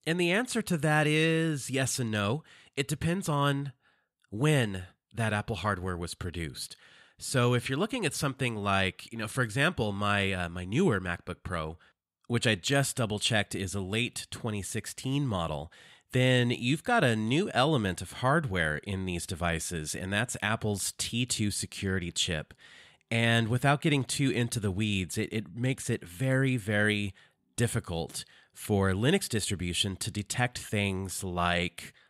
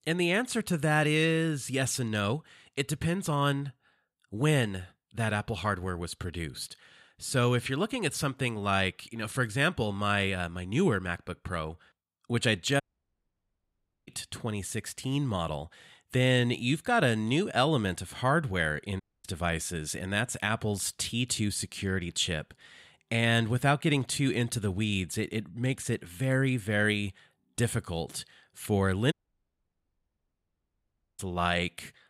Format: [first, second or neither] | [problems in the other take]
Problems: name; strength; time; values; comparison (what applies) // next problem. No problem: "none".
first | audio cutting out; at 13 s for 1.5 s, at 19 s and at 29 s for 2 s